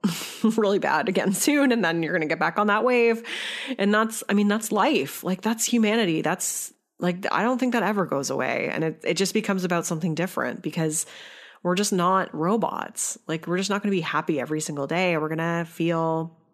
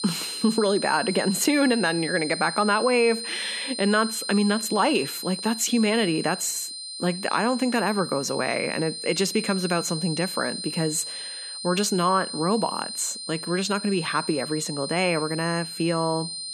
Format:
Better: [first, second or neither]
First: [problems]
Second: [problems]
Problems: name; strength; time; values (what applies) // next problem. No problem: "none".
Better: first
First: none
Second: high-pitched whine; loud; throughout; 4 kHz, 7 dB below the speech